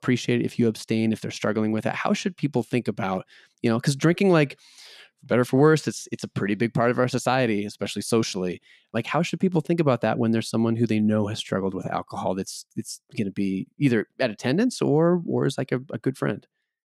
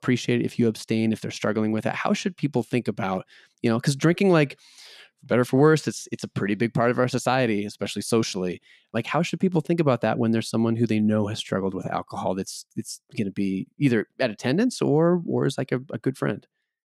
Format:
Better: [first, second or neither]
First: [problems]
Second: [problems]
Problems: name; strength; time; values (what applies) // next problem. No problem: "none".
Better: neither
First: none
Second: none